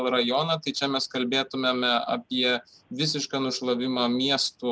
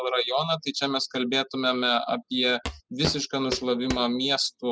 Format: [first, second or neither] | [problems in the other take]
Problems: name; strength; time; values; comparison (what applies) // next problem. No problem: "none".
first | noise reduction (classical method spectral subtraction)